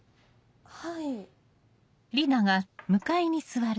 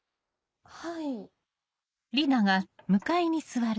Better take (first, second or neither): first